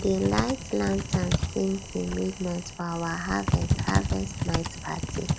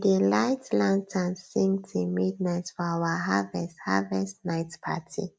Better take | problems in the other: second | background sound (Typing); as loud as the speech

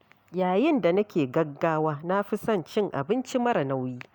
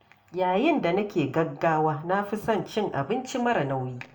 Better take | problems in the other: first | room echo; dies away in 0.4 s

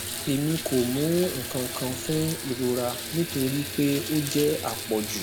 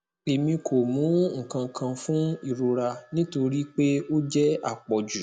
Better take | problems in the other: second | background sound (Bathtub (filling or washing) / Water tap, faucet); 7 dB below the speech

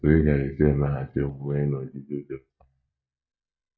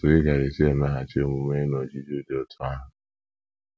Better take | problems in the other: second | noise reduction (neural mask model DeepFilterNet 3)

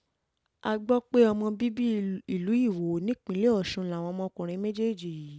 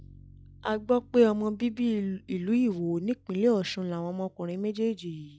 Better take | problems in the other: first | noise reduction (classical method log-MMSE)

